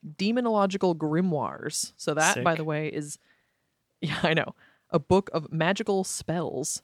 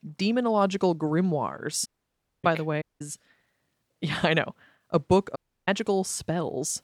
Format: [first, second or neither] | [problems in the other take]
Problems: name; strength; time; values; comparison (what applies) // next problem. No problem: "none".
first | audio cutting out; at 2 s for 0.5 s, at 3 s and at 5.5 s